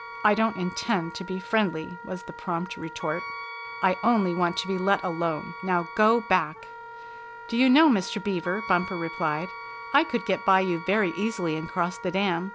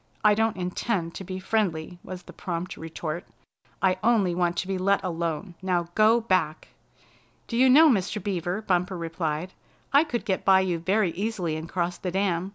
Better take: second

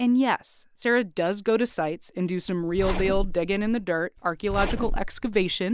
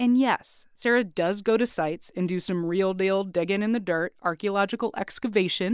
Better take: second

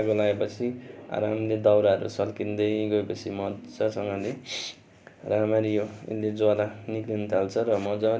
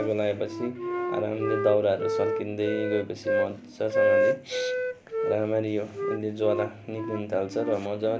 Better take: first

